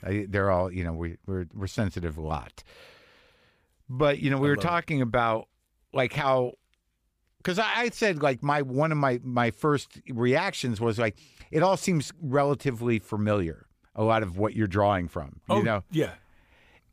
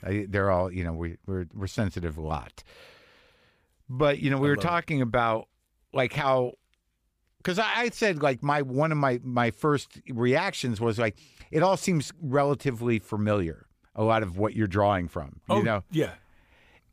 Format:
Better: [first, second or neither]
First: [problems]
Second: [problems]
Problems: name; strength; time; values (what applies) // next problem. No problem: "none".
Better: neither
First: none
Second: none